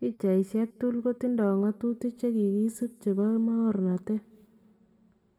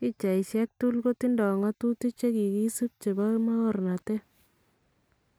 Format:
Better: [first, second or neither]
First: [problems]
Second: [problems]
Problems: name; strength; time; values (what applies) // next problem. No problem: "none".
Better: second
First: room echo; dies away in 1.2 s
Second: none